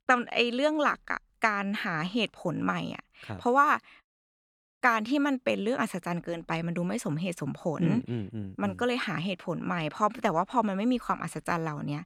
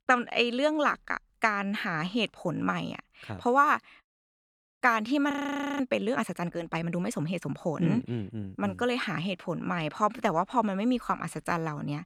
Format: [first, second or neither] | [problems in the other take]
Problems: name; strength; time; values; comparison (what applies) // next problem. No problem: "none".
first | audio freezing; at 5.5 s